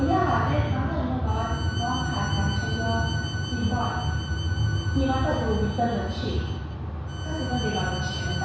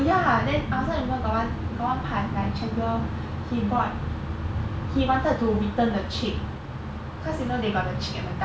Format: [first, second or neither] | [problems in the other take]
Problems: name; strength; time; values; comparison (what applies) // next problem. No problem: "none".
second | background sound (Bowed string instrument); 13 dB below the speech // room echo; dies away in 1.1 s